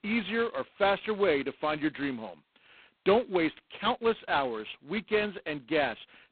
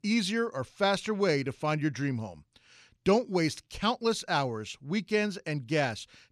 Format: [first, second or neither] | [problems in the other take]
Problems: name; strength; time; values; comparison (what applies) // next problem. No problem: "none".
second | phone-call audio; poor line; nothing above 4 kHz